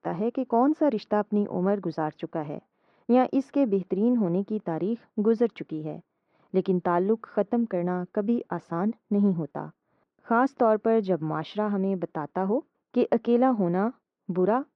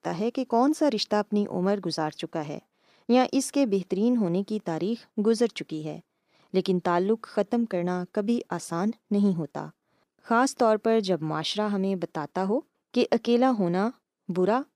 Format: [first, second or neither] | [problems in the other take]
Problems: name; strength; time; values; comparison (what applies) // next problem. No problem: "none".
second | muffled; very; fading above 1.5 kHz